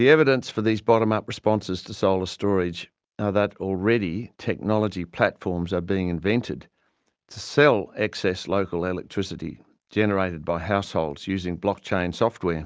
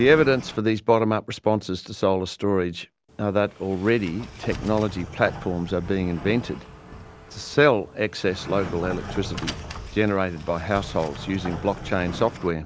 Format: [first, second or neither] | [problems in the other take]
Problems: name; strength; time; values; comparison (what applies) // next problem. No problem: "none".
first | background sound (Sliding door); 14 dB below the speech